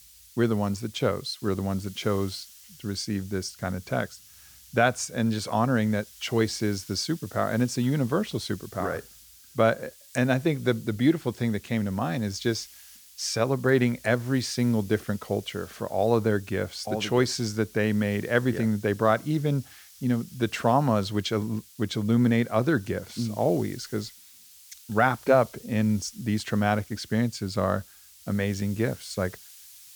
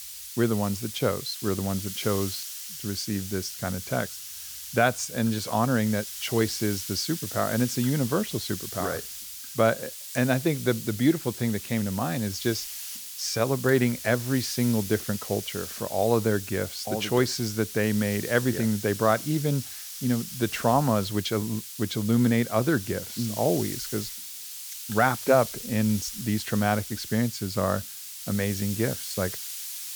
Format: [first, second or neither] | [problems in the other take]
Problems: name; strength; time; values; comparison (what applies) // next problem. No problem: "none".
first | hiss; loud; throughout; 8 dB below the speech; faint in the first